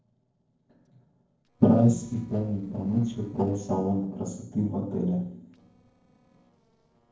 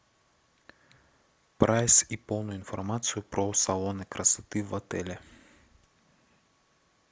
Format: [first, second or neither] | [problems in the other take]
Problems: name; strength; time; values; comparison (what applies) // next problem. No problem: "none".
second | noise reduction (neural separator model SepFormer DNS4)